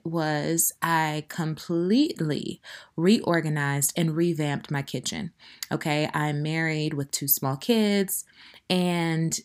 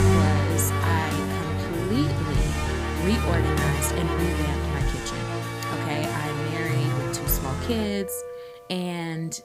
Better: first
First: none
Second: background music; very loud; throughout; 3 dB above the speech

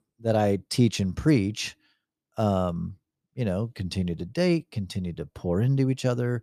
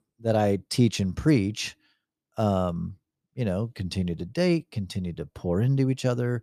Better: neither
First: none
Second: none

